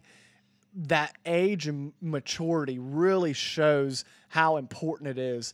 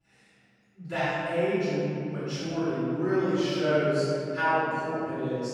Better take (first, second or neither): first